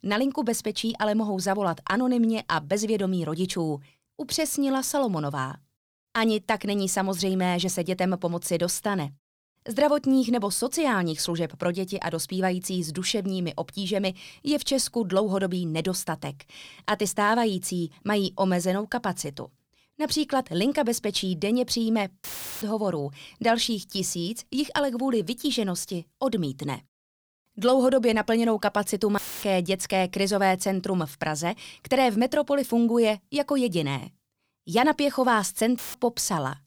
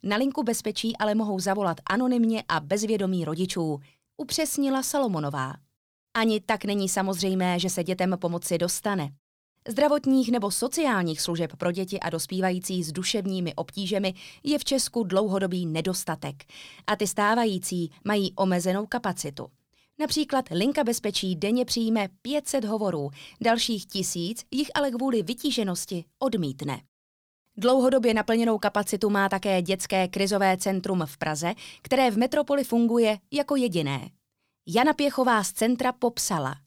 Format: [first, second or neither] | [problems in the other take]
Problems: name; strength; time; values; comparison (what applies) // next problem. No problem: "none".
second | audio cutting out; filled with static; at 22 s, at 29 s and at 36 s